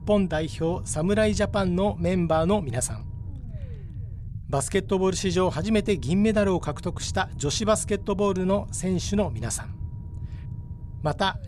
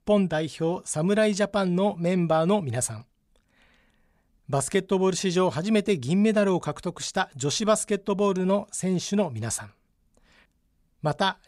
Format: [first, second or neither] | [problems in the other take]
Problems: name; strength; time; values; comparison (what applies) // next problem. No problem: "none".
second | low rumble; faint; throughout; 25 dB below the speech